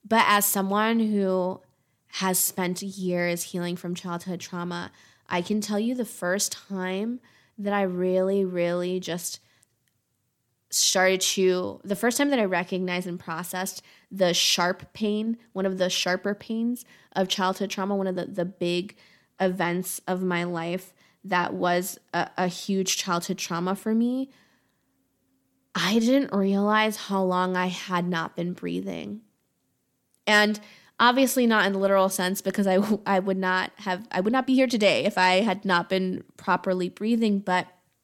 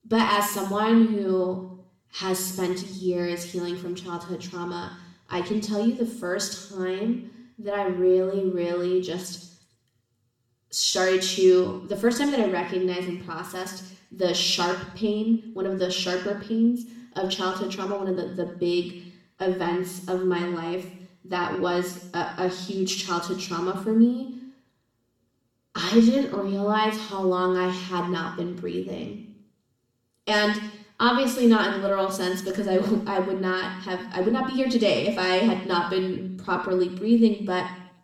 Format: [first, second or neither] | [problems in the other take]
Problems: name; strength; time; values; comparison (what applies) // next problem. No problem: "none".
first | room echo; noticeable; dies away in 0.7 s // off-mic speech; somewhat distant